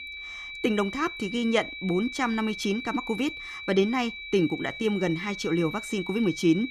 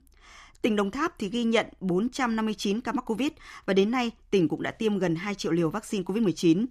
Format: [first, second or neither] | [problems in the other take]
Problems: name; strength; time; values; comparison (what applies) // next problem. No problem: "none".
second | high-pitched whine; loud; throughout; 2.5 kHz, 9 dB below the speech